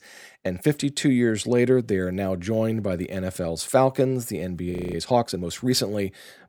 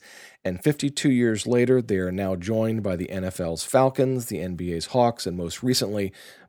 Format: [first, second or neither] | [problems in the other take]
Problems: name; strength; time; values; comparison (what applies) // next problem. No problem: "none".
second | audio freezing; at 4.5 s